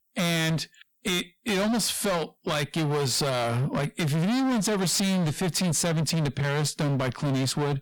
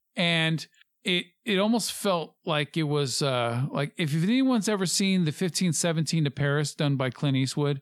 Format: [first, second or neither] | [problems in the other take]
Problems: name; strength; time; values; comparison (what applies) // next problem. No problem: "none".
second | distortion; heavy; 36% of the sound clipped